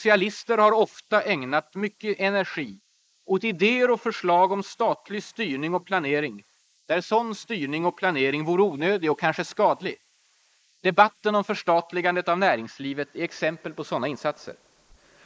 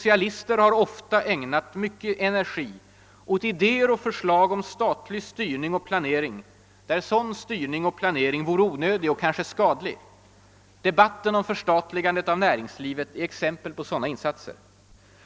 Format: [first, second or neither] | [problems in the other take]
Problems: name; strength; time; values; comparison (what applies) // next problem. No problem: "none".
second | noise reduction (neural mask model Resemble Enhance denoiser)